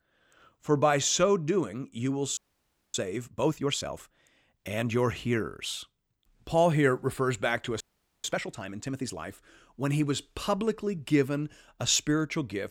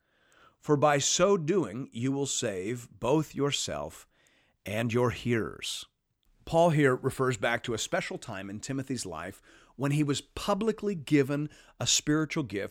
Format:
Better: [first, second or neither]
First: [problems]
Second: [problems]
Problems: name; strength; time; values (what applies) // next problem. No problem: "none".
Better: second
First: audio freezing; at 2.5 s for 0.5 s and at 8 s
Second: none